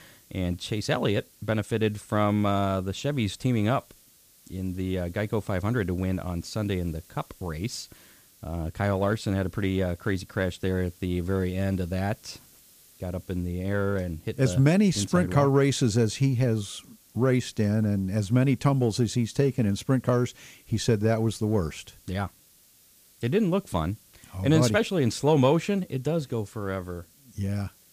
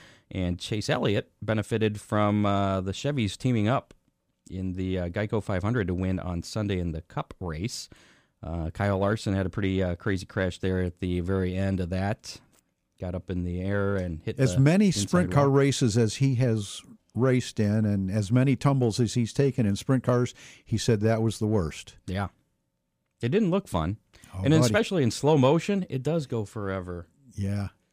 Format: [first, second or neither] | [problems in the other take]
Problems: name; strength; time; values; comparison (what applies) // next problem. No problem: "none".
second | hiss; faint; throughout; 30 dB below the speech